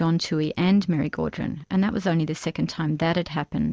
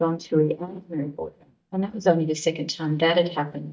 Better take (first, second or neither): first